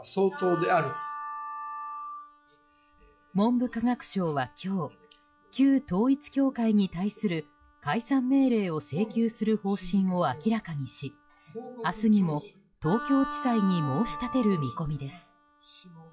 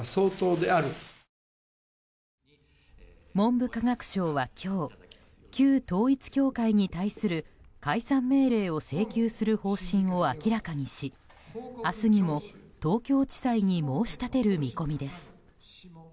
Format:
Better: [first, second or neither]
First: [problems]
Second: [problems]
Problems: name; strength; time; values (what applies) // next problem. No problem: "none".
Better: second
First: noise reduction (classical method log-MMSE)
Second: none